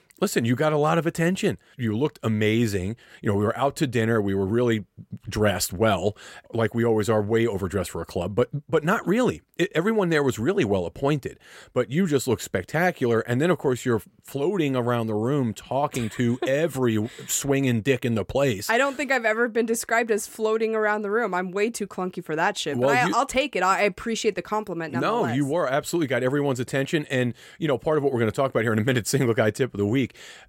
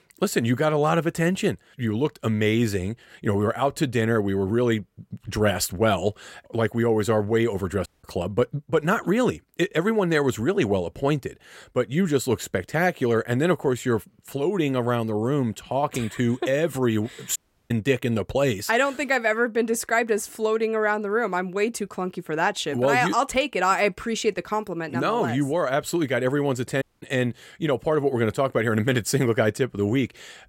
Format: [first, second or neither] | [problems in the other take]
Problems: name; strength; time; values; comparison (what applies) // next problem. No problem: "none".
first | audio cutting out; at 8 s, at 17 s and at 27 s